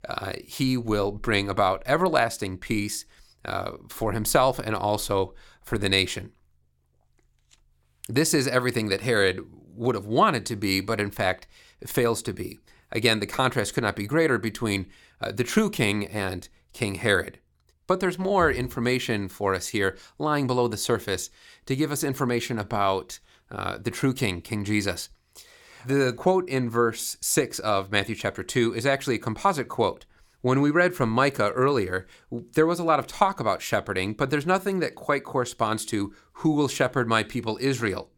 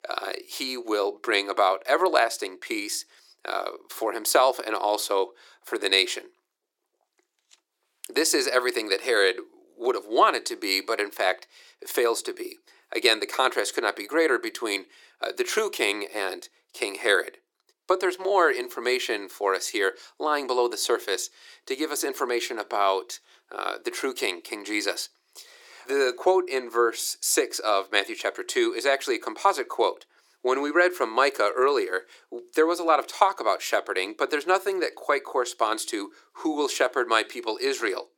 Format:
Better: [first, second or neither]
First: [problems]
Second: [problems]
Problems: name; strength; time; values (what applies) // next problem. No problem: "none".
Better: first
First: none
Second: thin; very; fading below 350 Hz